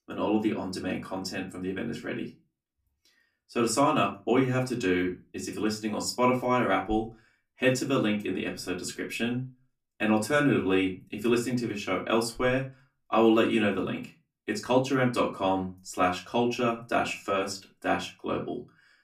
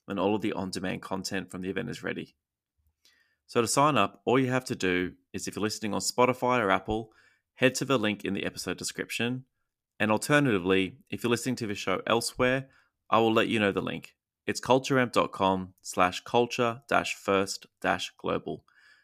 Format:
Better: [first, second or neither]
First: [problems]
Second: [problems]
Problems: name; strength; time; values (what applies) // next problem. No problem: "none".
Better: second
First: off-mic speech; far // room echo; very slight; dies away in 0.2 s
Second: none